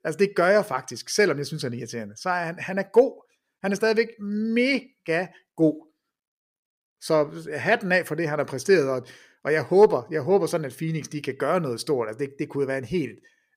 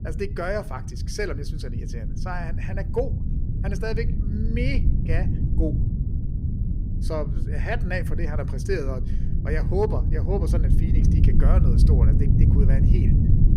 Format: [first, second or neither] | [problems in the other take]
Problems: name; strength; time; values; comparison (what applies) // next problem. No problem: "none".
first | low rumble; loud; throughout; 5 dB below the speech